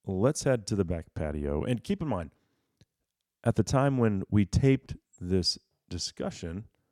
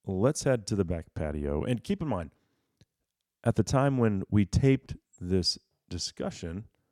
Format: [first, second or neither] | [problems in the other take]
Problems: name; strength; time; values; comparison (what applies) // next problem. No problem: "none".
neither | none